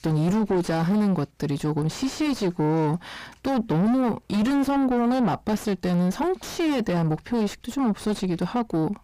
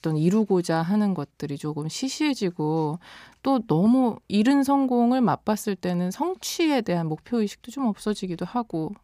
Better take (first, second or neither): second